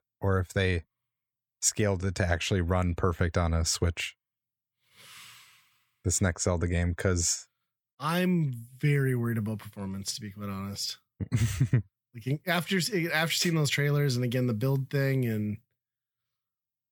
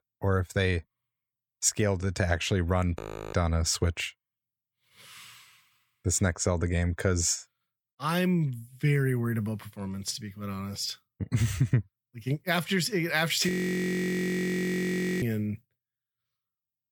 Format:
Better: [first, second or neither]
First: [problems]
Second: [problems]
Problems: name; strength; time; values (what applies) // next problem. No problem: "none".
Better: first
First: none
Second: audio freezing; at 3 s and at 13 s for 1.5 s